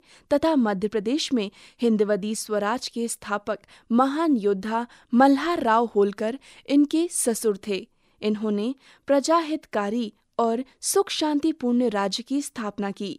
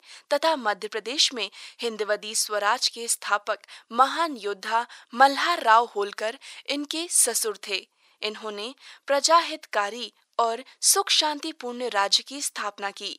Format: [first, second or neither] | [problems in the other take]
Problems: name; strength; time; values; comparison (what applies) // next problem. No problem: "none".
first | thin; very; fading below 850 Hz